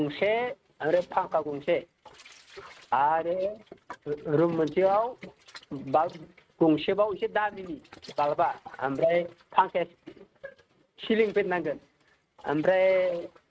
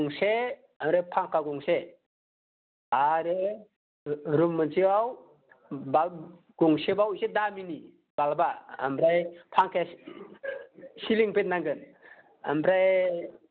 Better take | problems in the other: second | noise reduction (neural mask model RNNoise)

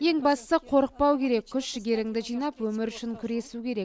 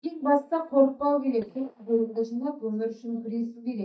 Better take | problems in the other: first | noise reduction (neural mask model DeepFilterNet 3)

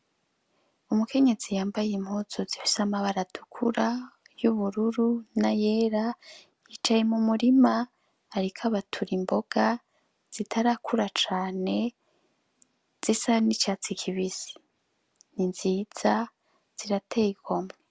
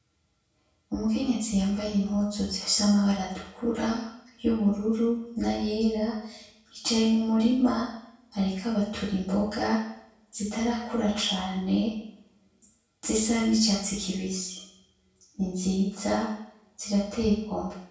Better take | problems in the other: first | room echo; dies away in 0.6 s

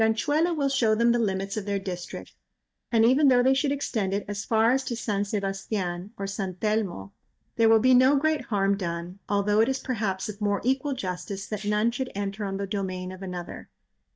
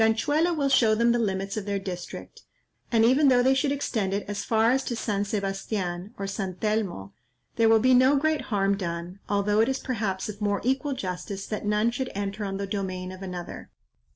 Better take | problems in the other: second | noise reduction (neural mask model DeepFilterNet 3)

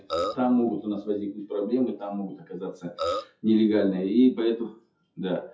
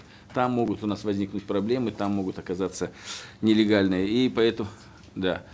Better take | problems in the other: second | noise reduction (classical method WPE with log-MMSE)

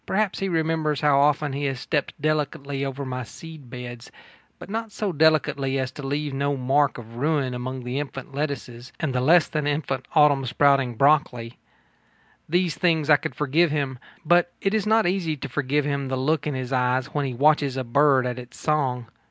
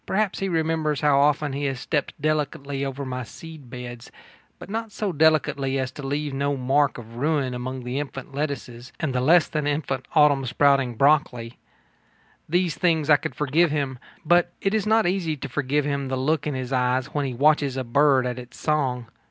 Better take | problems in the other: first | background sound (Telephone); 20 dB below the speech

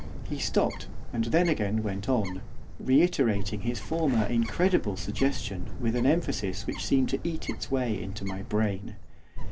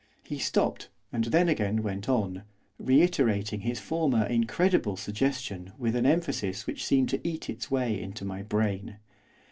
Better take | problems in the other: second | background sound (Bird); 4 dB below the speech

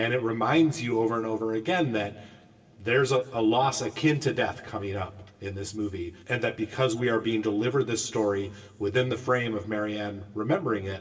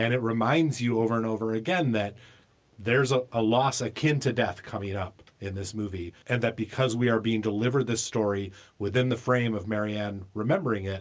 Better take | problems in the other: second | room echo; dies away in 1.4 s

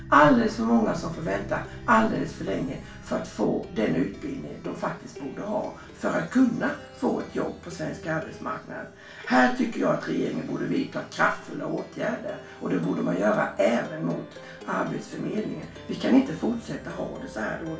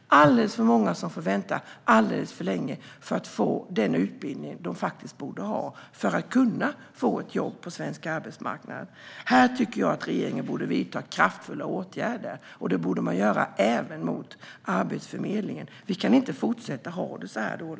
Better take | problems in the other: second | background sound (Plucked string instrument); 17 dB below the speech // room echo; dies away in 0.2 s

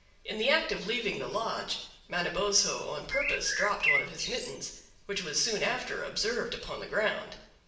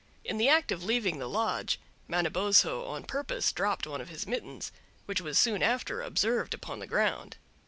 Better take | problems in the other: second | background sound (Bird); as loud as the speech // room echo; dies away in 0.7 s

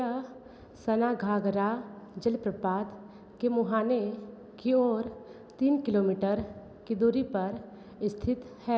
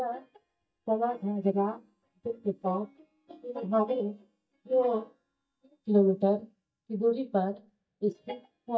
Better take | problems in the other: first | noise reduction (neural mask model DeepFilterNet 3)

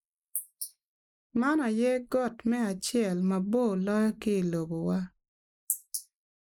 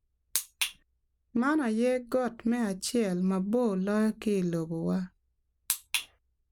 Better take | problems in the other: second | noise reduction (neural mask model Resemble Enhance denoiser)

